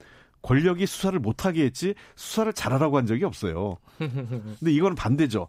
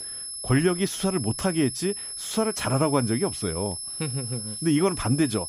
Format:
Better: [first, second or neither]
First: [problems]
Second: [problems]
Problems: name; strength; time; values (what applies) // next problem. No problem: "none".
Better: first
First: none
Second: high-pitched whine; loud; throughout; 11 kHz, 6 dB below the speech